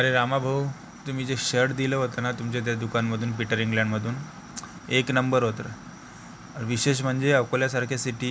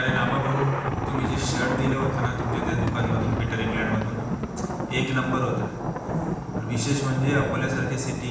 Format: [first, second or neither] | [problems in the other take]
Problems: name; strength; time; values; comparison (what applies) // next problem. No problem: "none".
first | background sound (Thunder); 1 dB below the speech // room echo; dies away in 0.7 s